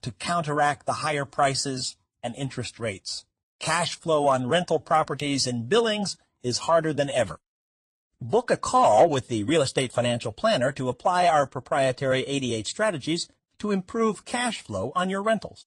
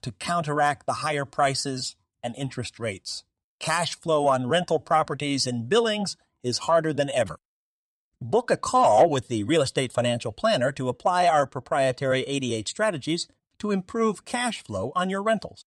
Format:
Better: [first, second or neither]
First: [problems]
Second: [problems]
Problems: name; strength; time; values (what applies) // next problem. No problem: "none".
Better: second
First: garbled, watery; slightly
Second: none